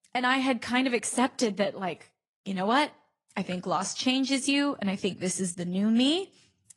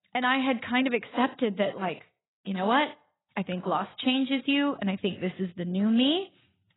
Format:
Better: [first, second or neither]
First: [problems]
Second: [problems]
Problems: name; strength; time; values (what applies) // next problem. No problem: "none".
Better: first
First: garbled, watery; slightly; nothing above 10 kHz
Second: garbled, watery; badly; nothing above 4 kHz